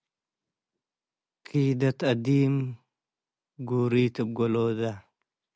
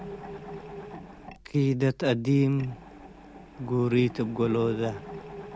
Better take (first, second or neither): first